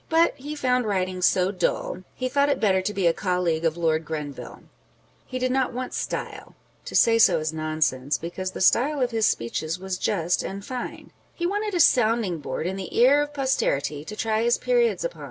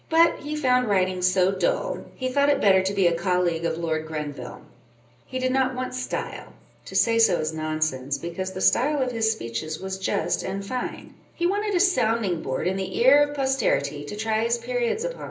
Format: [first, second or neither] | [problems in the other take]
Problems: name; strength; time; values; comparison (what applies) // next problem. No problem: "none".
first | room echo; dies away in 0.5 s